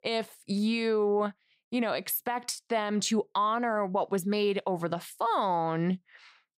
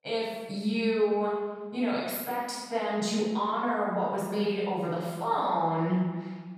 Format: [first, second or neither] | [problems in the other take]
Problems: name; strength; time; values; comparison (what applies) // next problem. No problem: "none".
first | room echo; strong; dies away in 1.2 s // off-mic speech; far